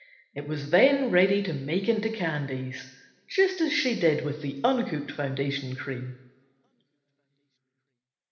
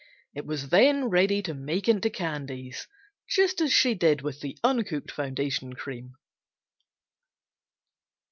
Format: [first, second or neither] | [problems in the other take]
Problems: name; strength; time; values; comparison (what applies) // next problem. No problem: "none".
second | room echo; dies away in 1.1 s